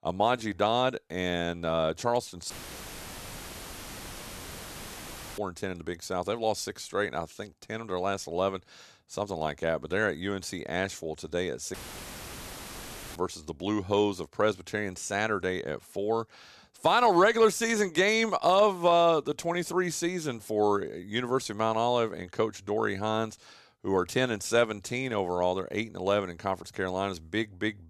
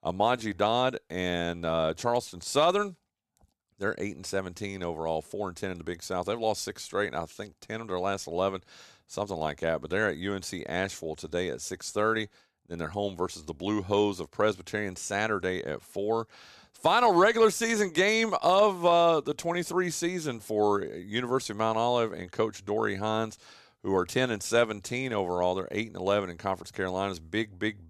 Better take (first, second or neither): second